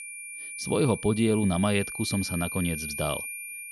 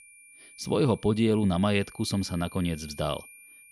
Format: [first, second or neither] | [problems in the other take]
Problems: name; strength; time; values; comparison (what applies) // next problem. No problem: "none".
second | high-pitched whine; loud; throughout; 2.5 kHz, 7 dB below the speech; faint in the second